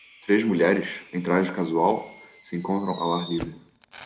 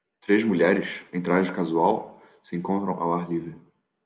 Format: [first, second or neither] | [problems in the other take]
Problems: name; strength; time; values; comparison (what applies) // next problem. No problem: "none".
second | background sound (Fireworks); 18 dB below the speech